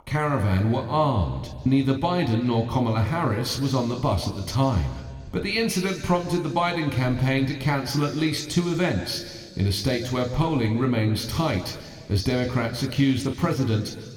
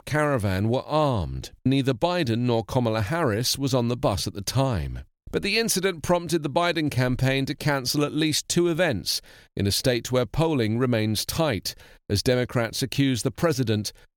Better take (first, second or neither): second